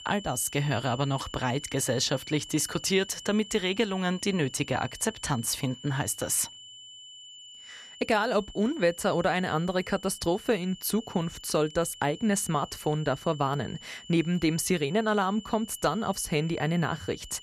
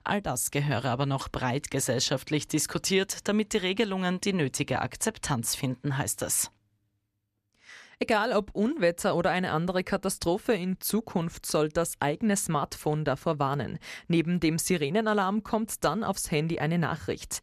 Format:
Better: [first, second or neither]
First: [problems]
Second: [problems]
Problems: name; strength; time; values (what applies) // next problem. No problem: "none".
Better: second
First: high-pitched whine; noticeable; throughout; 3 kHz, 15 dB below the speech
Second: none